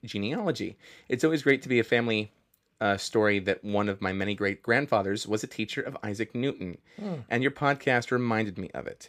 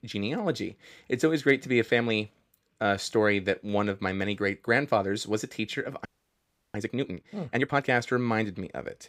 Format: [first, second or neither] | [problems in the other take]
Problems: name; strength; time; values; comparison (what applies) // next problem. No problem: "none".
first | audio freezing; at 6 s for 0.5 s